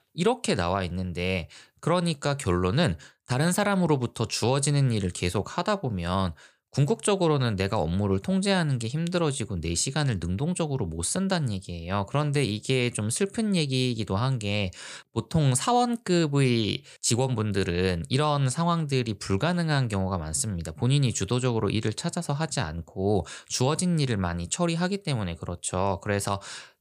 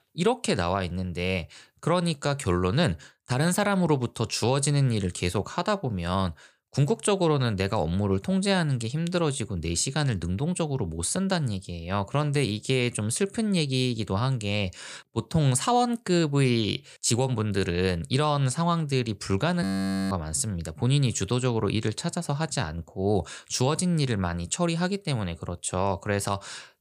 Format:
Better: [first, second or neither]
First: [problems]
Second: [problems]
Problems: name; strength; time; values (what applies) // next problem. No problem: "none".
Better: first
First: none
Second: audio freezing; at 20 s